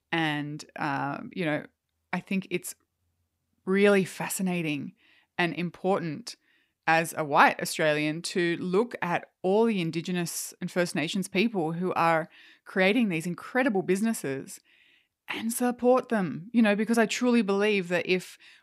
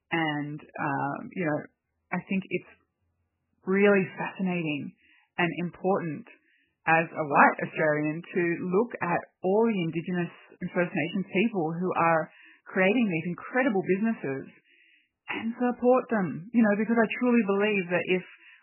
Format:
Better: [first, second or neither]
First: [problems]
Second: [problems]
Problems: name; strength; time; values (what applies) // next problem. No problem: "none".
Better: first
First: none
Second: garbled, watery; badly; nothing above 3 kHz